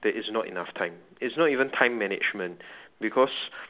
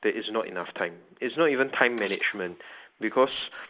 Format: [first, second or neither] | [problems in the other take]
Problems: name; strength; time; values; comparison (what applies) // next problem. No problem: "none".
first | noise reduction (neural mask model Resemble Enhance denoiser)